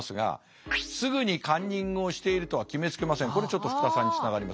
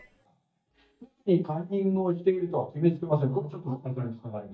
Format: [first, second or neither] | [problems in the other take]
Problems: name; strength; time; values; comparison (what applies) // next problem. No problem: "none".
first | noise reduction (neural mask model DeepFilterNet 3)